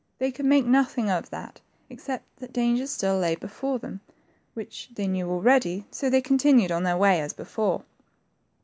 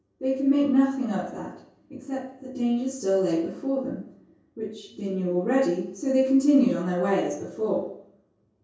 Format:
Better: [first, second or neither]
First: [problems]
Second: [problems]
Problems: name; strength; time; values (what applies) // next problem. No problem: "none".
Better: first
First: none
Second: room echo; dies away in 0.6 s